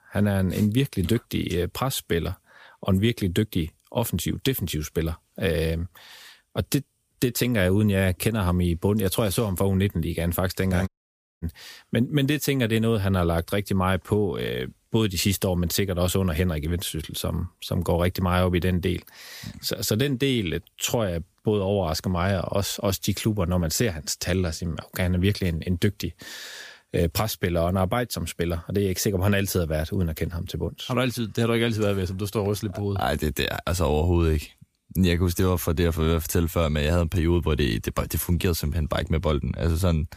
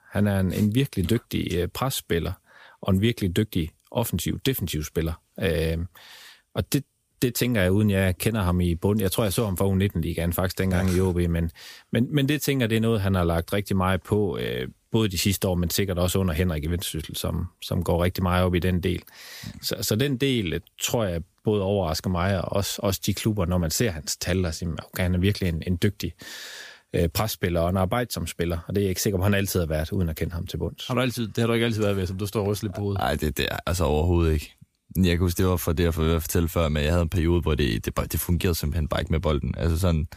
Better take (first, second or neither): second